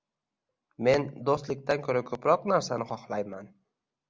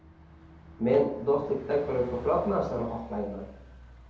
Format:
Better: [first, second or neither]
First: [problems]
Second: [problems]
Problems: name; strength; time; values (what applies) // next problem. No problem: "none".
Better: first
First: none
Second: background sound (Bus); 17 dB below the speech // room echo; dies away in 2.1 s